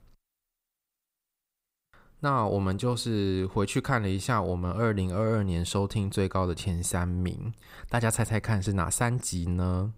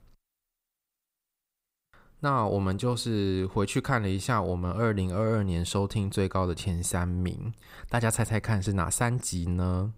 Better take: neither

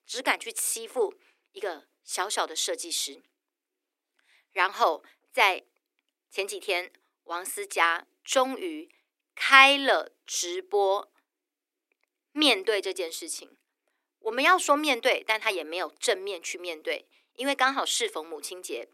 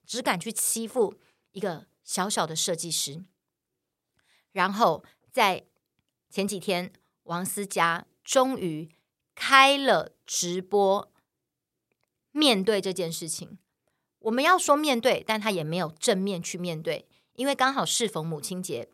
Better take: second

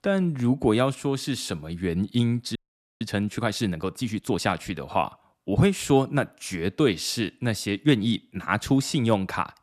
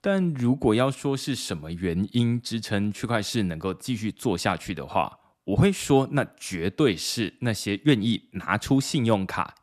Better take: second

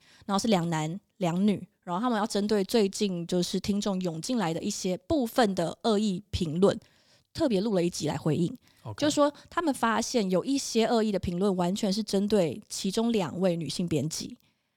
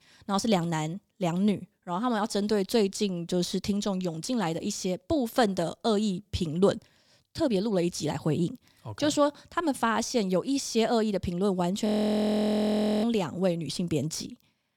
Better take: first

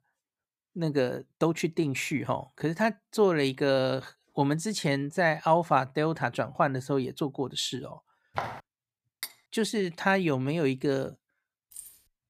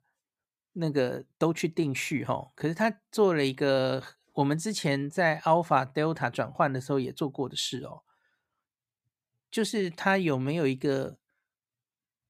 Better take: second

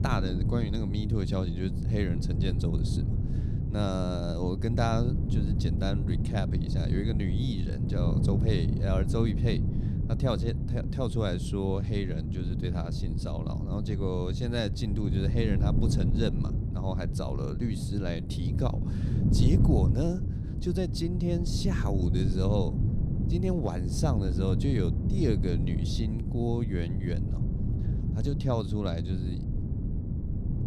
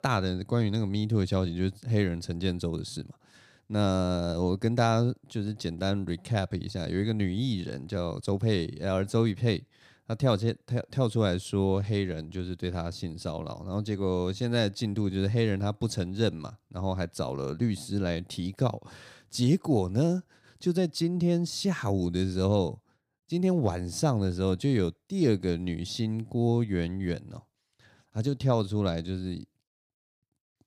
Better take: second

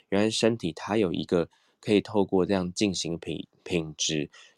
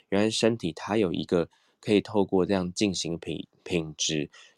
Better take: neither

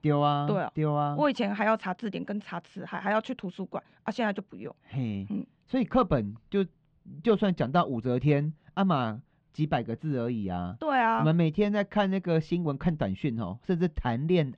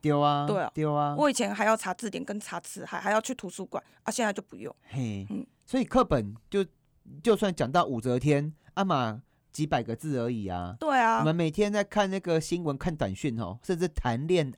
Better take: second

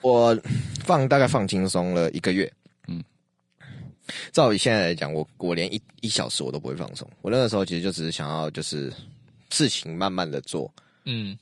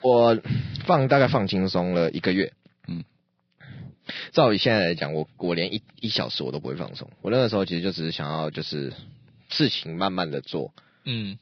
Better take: first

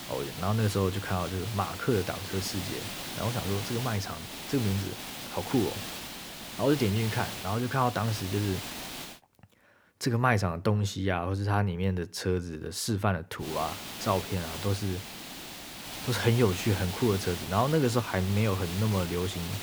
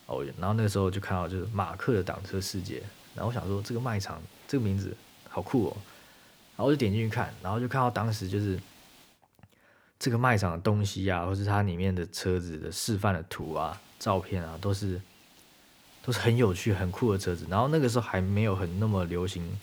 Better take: second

